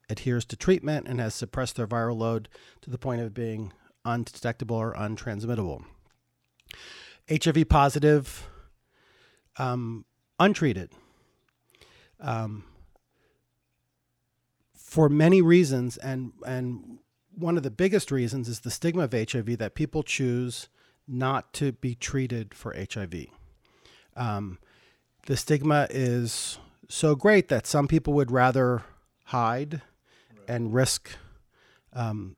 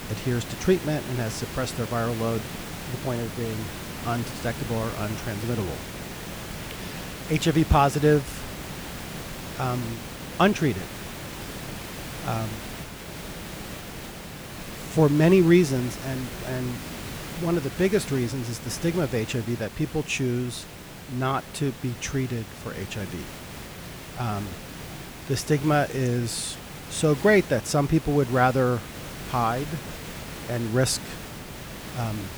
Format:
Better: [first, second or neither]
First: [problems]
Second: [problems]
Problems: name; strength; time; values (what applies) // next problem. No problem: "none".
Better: first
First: none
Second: hiss; noticeable; throughout; 10 dB below the speech